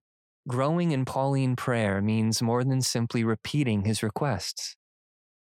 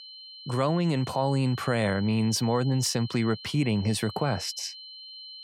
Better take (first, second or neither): first